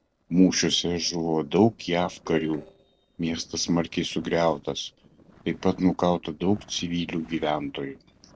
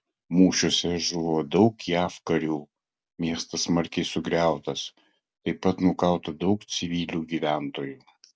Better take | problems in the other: second | noise reduction (neural separator model SepFormer DNS4)

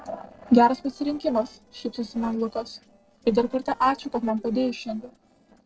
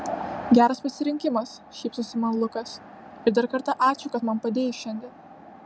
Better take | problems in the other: second | noise reduction (neural separator model SepFormer DNS4)

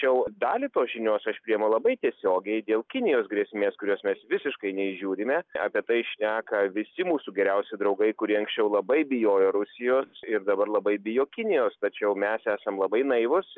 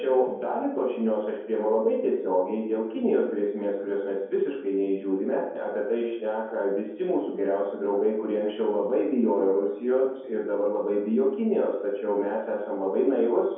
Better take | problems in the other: first | room echo; dies away in 0.9 s

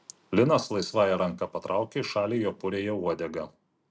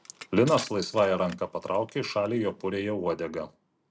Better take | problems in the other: first | background sound (Crushing); 19 dB below the speech

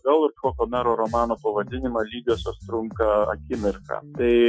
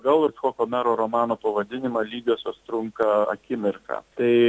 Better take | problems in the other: second | noise reduction (classical method Wiener filter)

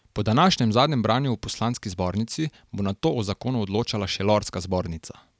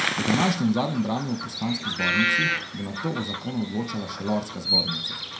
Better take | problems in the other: first | background sound (Bird vocalization, bird call, bird song); as loud as the speech // room echo; dies away in 0.4 s

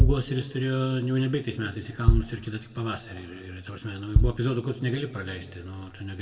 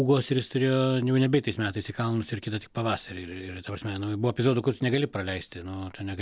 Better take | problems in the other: second | background sound (Bass drum); 1 dB above the speech // room echo; dies away in 1.3 s

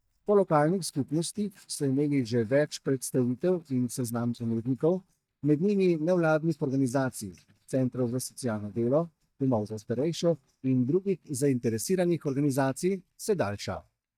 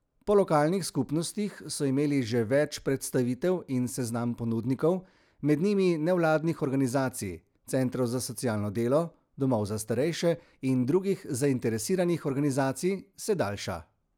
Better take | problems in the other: second | noise reduction (neural mask model DeepFilterNet 3)

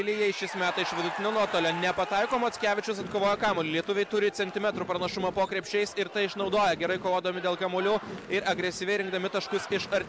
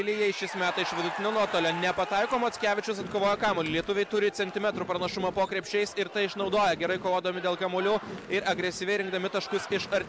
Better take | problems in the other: first | background sound (Typing); 18 dB below the speech

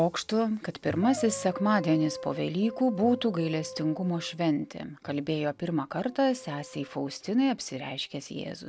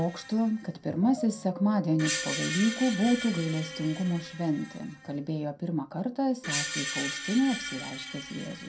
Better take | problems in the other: first | background sound (Screech); 9 dB below the speech // room echo; dies away in 0.2 s

